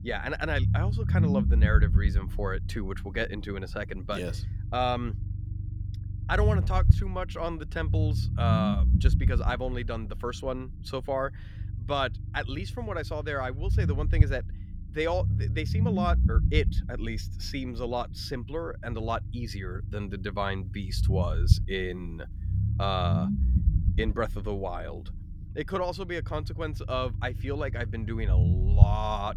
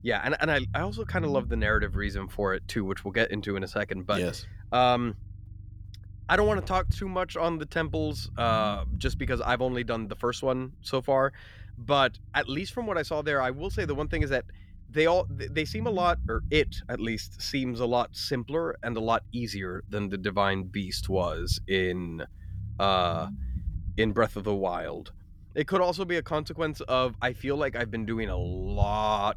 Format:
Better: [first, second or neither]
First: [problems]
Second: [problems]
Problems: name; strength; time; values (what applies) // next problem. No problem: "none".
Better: second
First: low rumble; loud; throughout; 10 dB below the speech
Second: low rumble; faint; throughout; 25 dB below the speech